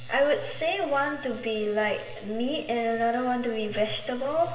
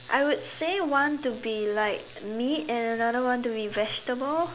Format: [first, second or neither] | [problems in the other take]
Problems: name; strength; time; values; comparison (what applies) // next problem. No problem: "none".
second | room echo; dies away in 1.4 s